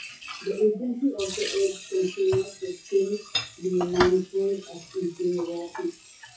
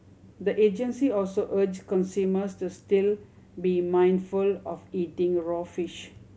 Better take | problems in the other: second | noise reduction (classical method WPE with log-MMSE)

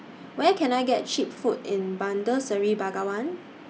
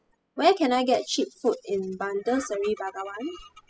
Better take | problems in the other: first | noise reduction (classical method spectral subtraction)

